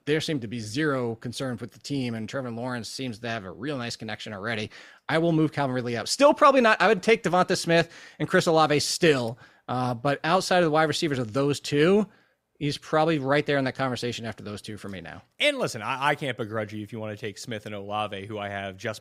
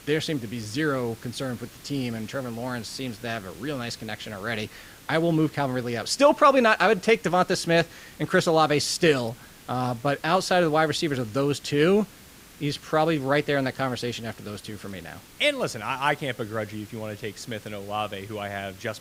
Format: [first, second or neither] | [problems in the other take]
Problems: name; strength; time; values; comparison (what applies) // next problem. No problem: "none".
first | hiss; faint; throughout; 20 dB below the speech